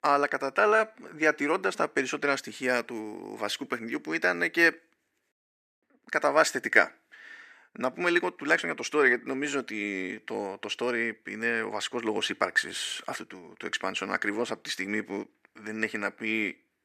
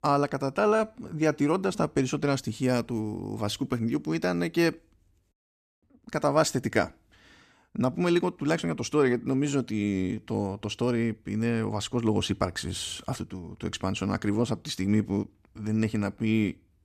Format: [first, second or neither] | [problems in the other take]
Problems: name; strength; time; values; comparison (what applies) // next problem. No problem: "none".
second | thin; somewhat; fading below 400 Hz